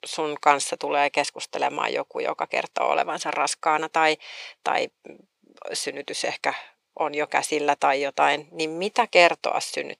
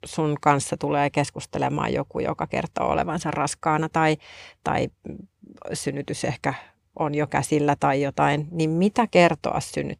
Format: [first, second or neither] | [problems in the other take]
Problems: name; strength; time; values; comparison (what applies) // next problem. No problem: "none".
second | thin; somewhat; fading below 550 Hz